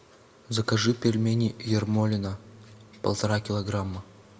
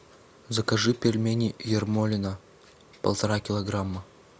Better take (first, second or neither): second